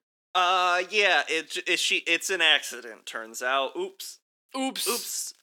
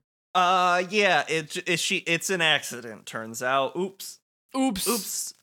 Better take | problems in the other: second | thin; very slightly; fading below 300 Hz

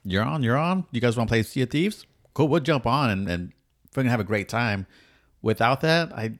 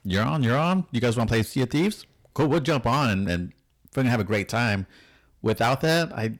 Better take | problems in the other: first | distortion; slight; 9% of the sound clipped

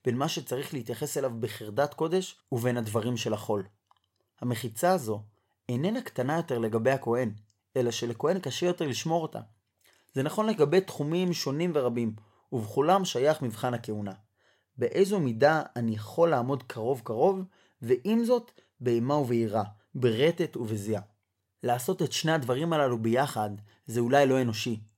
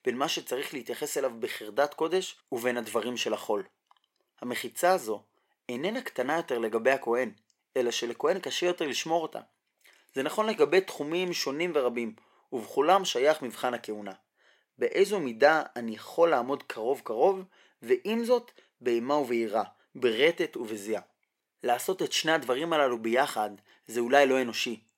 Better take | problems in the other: first | thin; somewhat; fading below 250 Hz

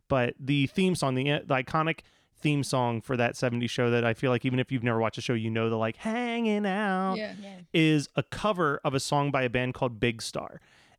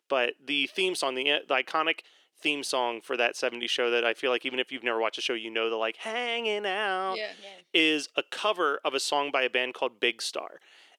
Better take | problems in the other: first | thin; somewhat; fading below 350 Hz

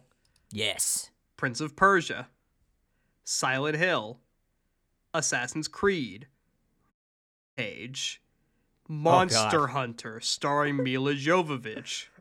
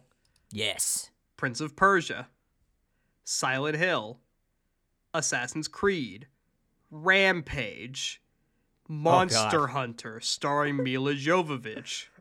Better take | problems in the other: second | audio cutting out; at 7 s for 0.5 s

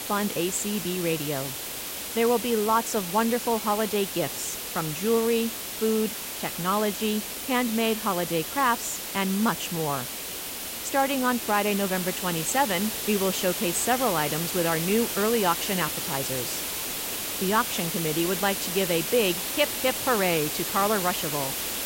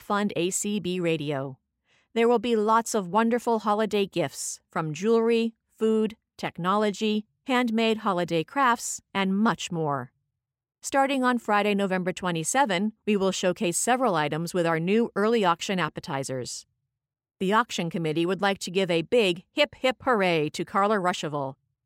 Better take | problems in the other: second | hiss; loud; throughout; 3 dB below the speech

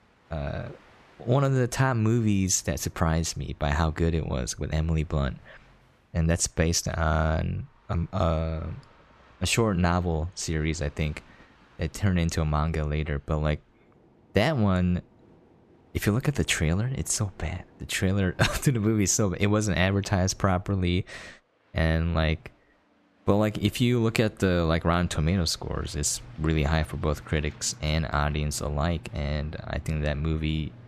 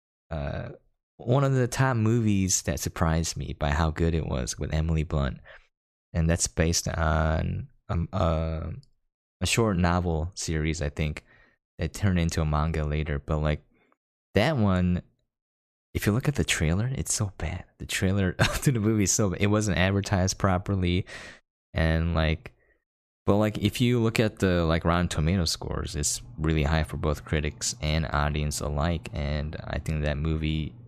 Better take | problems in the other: second | train or aircraft noise; faint; throughout; 30 dB below the speech

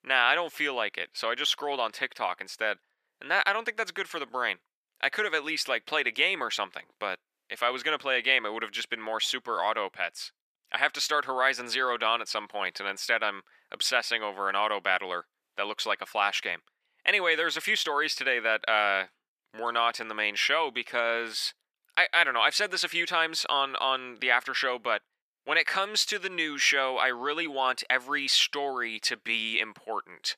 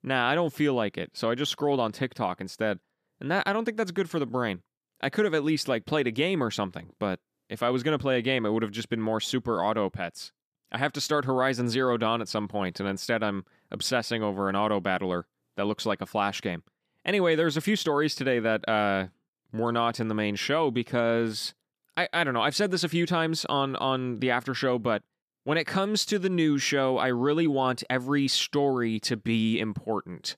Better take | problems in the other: second | thin; very; fading below 700 Hz

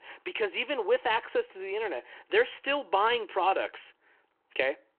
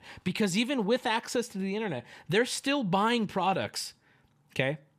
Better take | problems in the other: second | phone-call audio

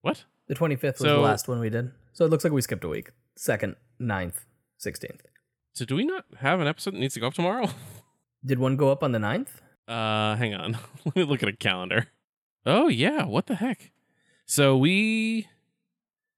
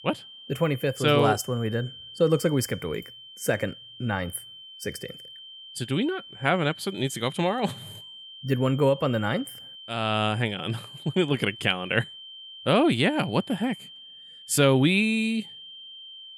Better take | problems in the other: first | high-pitched whine; noticeable; throughout; 3 kHz, 15 dB below the speech

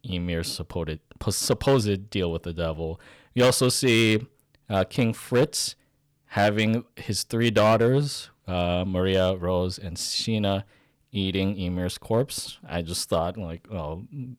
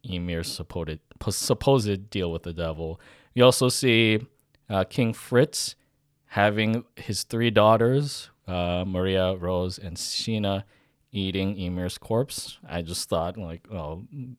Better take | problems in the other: second | distortion; slight; 2% of the sound clipped

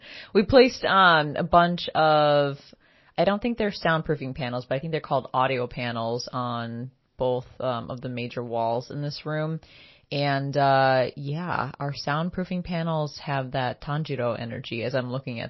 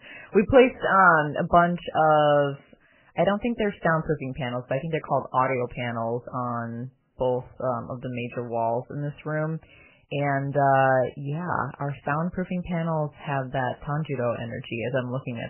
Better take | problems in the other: first | garbled, watery; badly; nothing above 3 kHz; slightly in the first

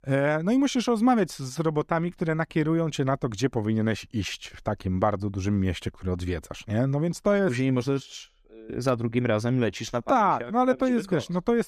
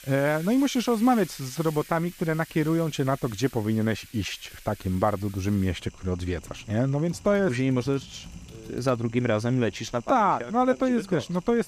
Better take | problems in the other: first | household noises; faint; throughout; 20 dB below the speech

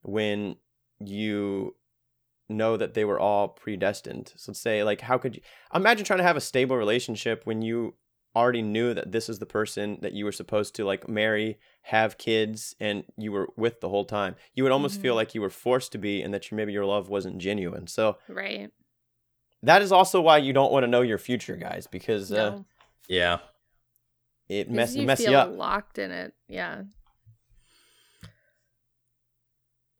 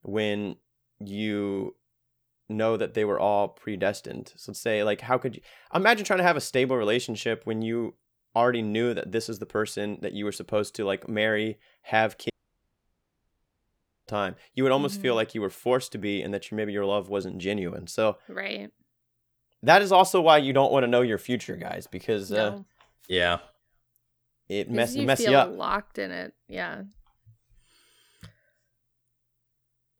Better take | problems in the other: first | audio cutting out; at 12 s for 2 s

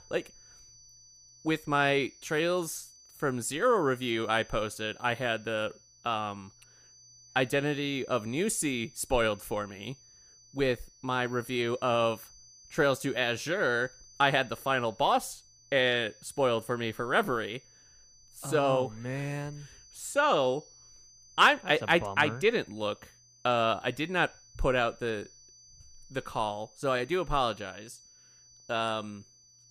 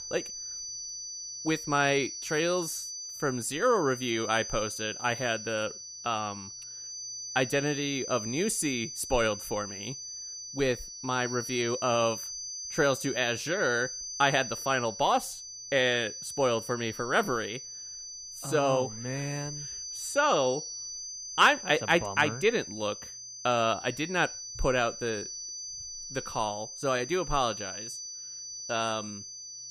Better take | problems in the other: first | high-pitched whine; loud; throughout; 6 kHz, 8 dB below the speech; faint in the first

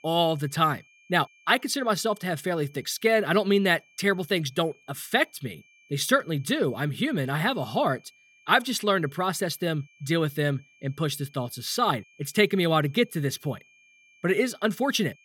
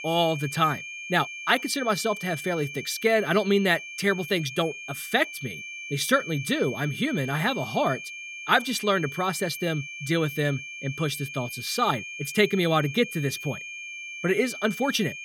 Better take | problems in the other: first | high-pitched whine; loud; throughout; 2.5 kHz, 10 dB below the speech; faint in the first

